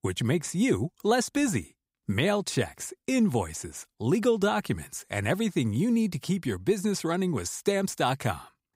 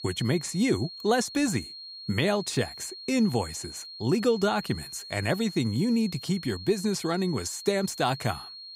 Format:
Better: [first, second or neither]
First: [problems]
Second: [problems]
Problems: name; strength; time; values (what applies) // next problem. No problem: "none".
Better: first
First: none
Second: high-pitched whine; noticeable; throughout; 4.5 kHz, 10 dB below the speech